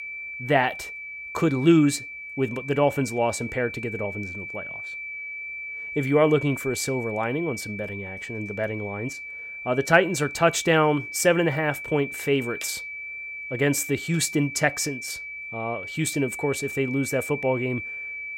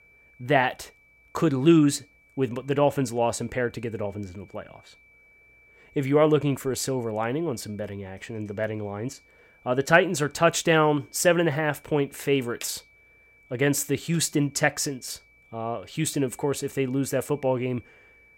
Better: second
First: high-pitched whine; loud; throughout; 2.5 kHz, 9 dB below the speech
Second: high-pitched whine; faint; throughout; 2.5 kHz, 30 dB below the speech

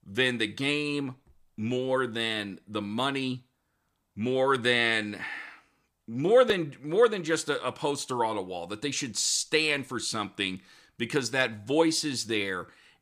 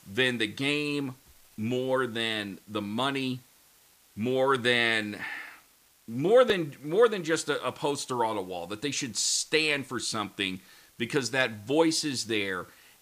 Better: first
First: none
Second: hiss; faint; throughout; 30 dB below the speech

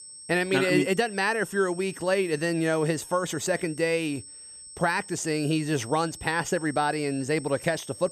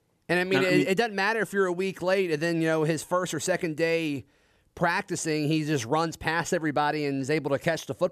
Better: second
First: high-pitched whine; noticeable; throughout; 8.5 kHz, 15 dB below the speech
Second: none

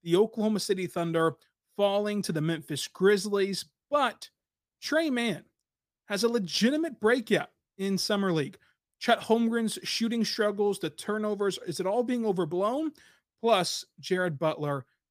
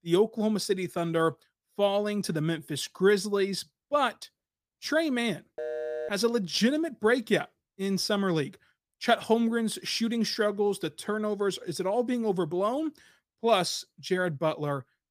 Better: first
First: none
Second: phone ringing; noticeable; at 5.5 s; peak 5 dB below the speech

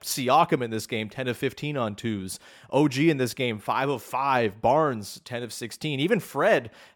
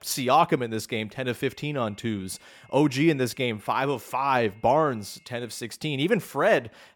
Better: first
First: none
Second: high-pitched whine; faint; from 1.5 to 5.5 s; 2 kHz, 35 dB below the speech

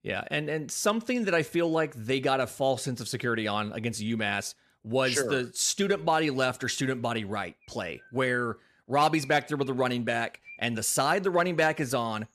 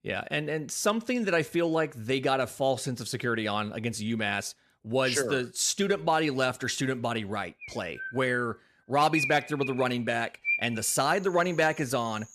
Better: first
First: animal sounds; faint; from 7.5 s on; 25 dB below the speech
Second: animal sounds; loud; from 7.5 s on; 5 dB below the speech

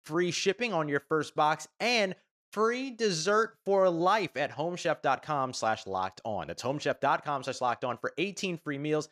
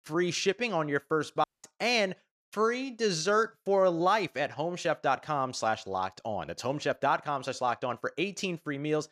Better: first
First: none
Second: audio cutting out; at 1.5 s

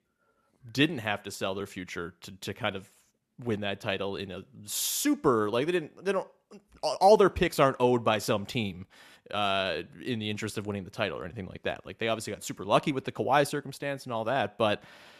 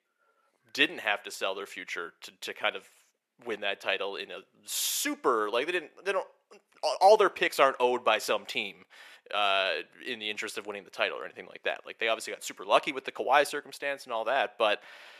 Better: first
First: none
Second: thin; somewhat; fading below 500 Hz

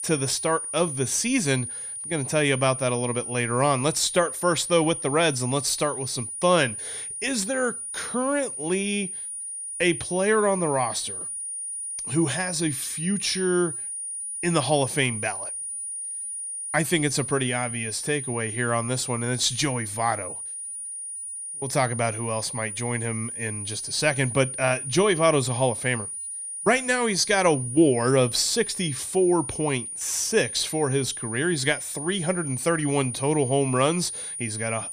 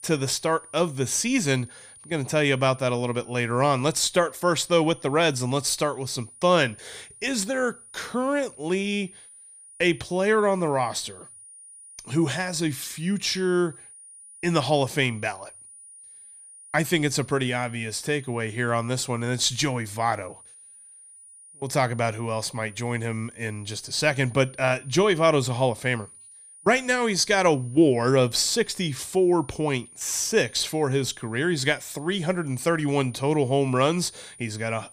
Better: second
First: high-pitched whine; loud; throughout; 9.5 kHz, 6 dB below the speech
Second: high-pitched whine; faint; throughout; 9.5 kHz, 20 dB below the speech

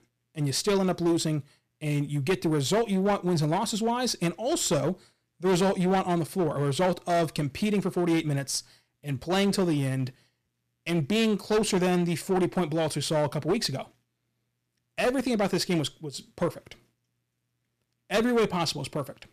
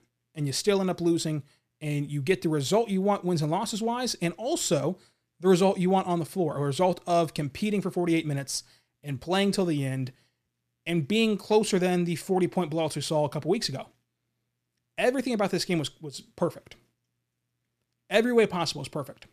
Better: second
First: distortion; slight; 8% of the sound clipped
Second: none

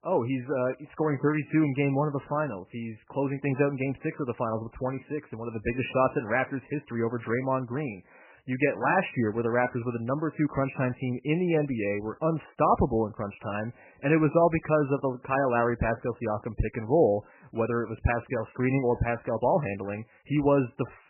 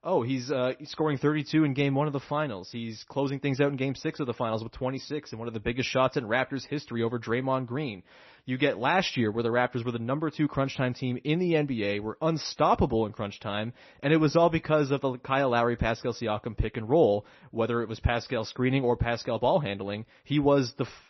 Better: second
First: garbled, watery; badly; nothing above 2.5 kHz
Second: garbled, watery; slightly; nothing above 6 kHz

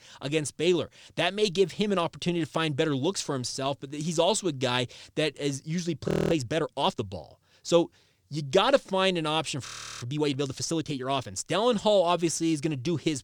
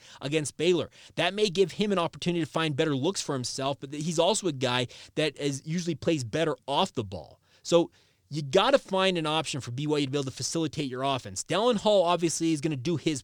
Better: second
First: audio freezing; at 6 s and at 9.5 s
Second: none

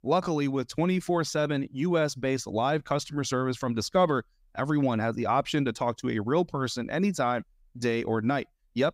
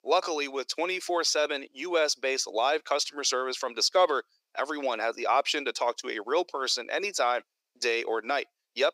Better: first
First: none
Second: thin; very; fading below 400 Hz

